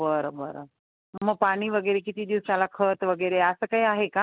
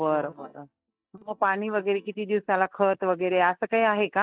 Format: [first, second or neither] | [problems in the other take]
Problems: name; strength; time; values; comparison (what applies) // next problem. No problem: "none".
first | noise reduction (neural mask model DeepFilterNet 3)